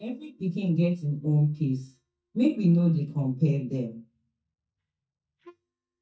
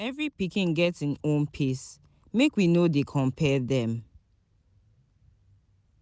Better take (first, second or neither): second